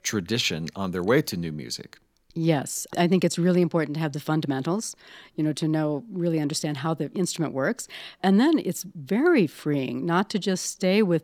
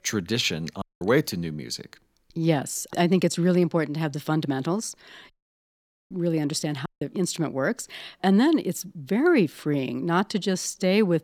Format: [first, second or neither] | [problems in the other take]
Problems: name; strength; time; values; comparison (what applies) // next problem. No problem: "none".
first | audio cutting out; at 1 s, at 5.5 s for 1 s and at 7 s